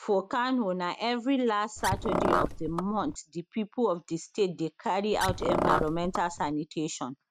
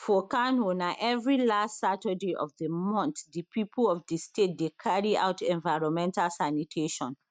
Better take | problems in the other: second | background sound (Car); 1 dB below the speech

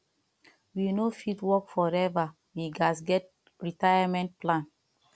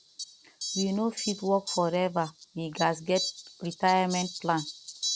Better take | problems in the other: first | background sound (Fowl); 9 dB below the speech

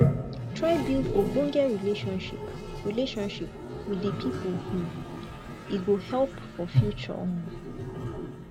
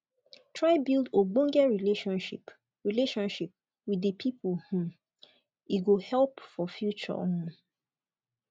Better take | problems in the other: second | background sound (Toilet flush); 2 dB below the speech

